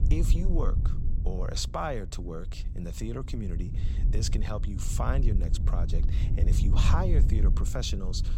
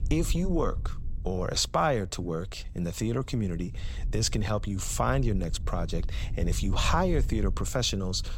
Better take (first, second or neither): second